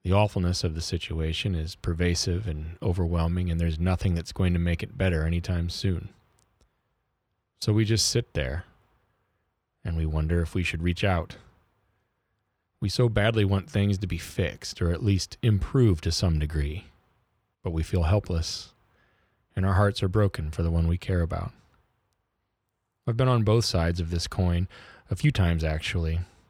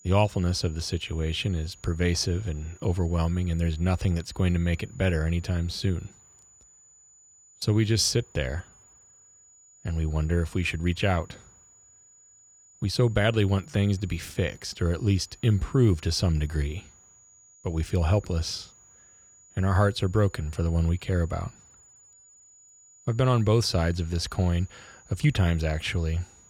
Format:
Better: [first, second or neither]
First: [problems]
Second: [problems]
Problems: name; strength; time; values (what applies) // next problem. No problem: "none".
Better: first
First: none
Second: high-pitched whine; faint; throughout; 7 kHz, 25 dB below the speech